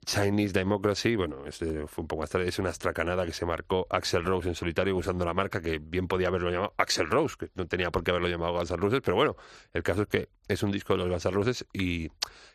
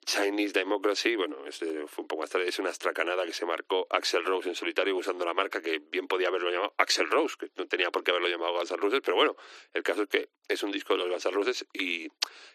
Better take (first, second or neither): first